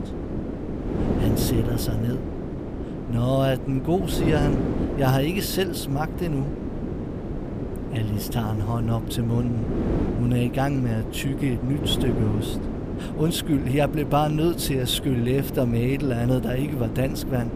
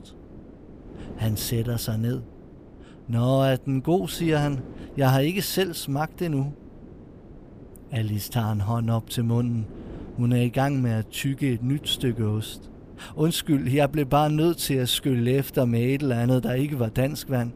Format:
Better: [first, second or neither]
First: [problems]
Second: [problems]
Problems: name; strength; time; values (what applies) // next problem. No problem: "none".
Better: second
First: wind noise on the microphone; heavy; 6 dB below the speech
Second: wind noise on the microphone; occasional gusts; 20 dB below the speech